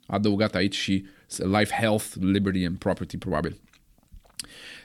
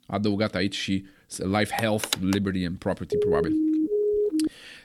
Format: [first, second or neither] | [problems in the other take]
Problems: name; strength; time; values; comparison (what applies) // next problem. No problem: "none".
first | phone ringing; noticeable; at 2 s; peak 1 dB below the speech // siren; loud; from 3 s on; peak 4 dB above the speech